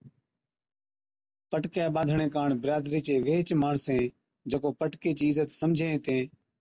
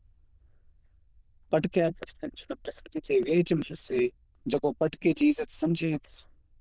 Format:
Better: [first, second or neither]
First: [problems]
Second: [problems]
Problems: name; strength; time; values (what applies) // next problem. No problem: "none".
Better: first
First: none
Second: noise reduction (neural diffusion model UNIVERSE++)